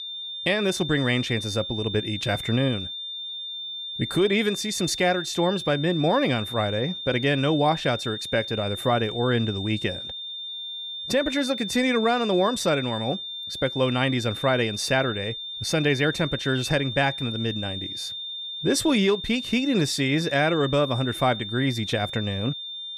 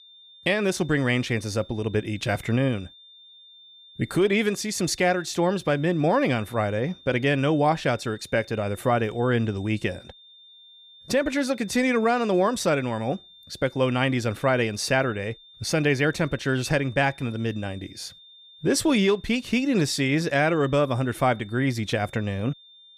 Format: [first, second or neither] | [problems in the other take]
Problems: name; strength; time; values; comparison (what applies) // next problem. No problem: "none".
second | high-pitched whine; loud; throughout; 3.5 kHz, 7 dB below the speech; faint in the second